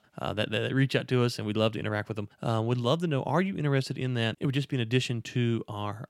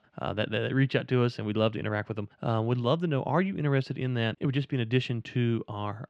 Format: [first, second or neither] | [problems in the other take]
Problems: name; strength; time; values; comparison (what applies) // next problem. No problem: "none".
first | muffled; slightly; fading above 3 kHz